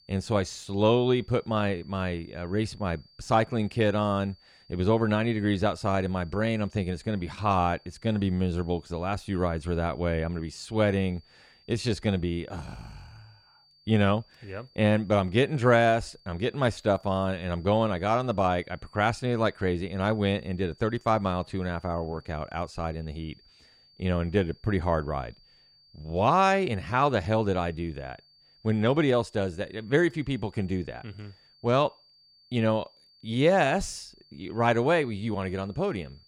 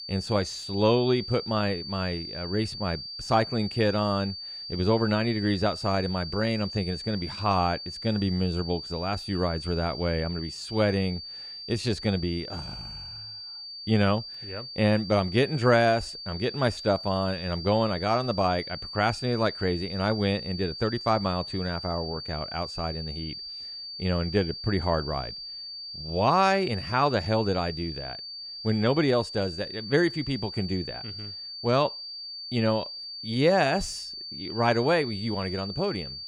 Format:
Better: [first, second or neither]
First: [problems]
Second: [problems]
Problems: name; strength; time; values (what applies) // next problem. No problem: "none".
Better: first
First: high-pitched whine; faint; throughout; 4.5 kHz, 30 dB below the speech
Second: high-pitched whine; loud; throughout; 4.5 kHz, 9 dB below the speech